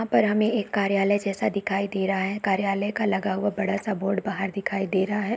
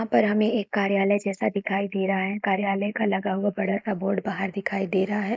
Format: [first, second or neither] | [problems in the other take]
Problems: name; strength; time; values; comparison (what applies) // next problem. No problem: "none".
first | noise reduction (neural mask model Resemble Enhance denoiser)